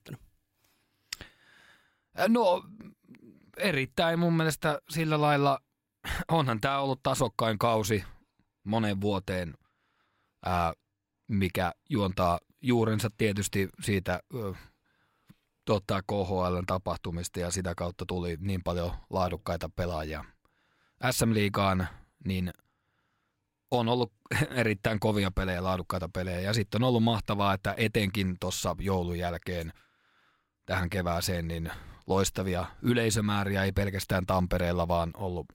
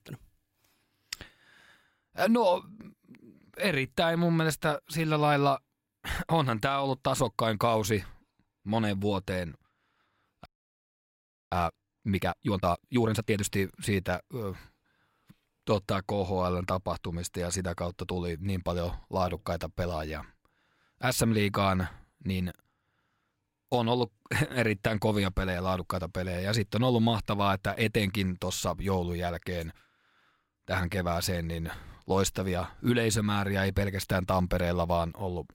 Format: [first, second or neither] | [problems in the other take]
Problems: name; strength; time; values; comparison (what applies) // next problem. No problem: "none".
first | audio freezing; at 10 s for 1 s